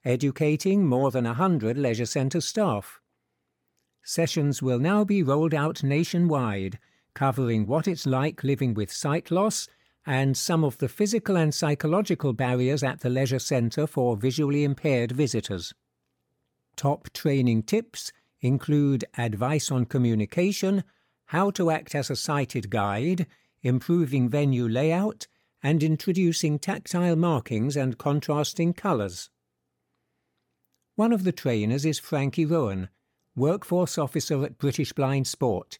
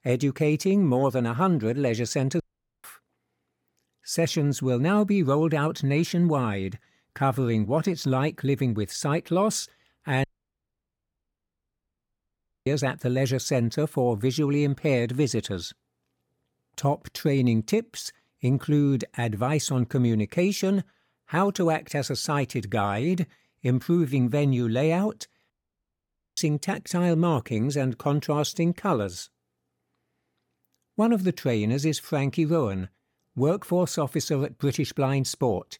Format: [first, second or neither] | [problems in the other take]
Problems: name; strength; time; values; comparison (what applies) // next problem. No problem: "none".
first | audio cutting out; at 2.5 s, at 10 s for 2.5 s and at 26 s for 1 s